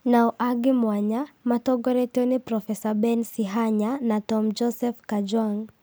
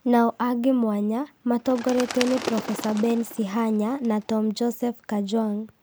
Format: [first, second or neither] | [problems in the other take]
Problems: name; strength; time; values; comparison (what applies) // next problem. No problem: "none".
first | background sound (Bird); 13 dB below the speech